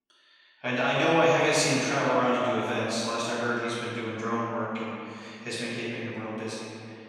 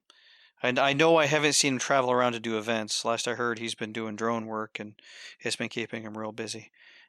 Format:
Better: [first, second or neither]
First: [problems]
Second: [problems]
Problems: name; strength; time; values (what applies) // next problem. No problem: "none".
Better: second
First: off-mic speech; far // room echo; strong; dies away in 2.3 s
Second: none